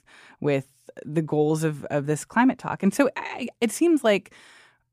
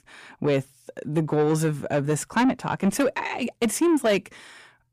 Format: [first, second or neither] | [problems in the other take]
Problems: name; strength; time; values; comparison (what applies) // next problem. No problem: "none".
first | distortion; slight; 10 dB below the speech